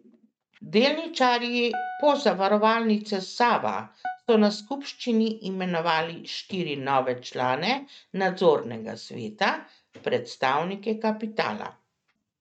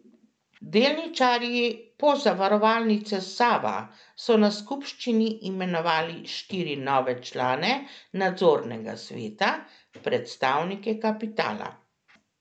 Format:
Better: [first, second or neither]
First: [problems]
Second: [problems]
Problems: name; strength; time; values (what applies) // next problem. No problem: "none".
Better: second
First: noise reduction (neural mask model RNNoise)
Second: none